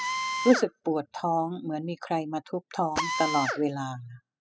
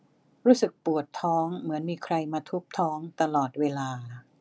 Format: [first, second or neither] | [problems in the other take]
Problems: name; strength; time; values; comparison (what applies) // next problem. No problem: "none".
second | noise reduction (classical method spectral subtraction)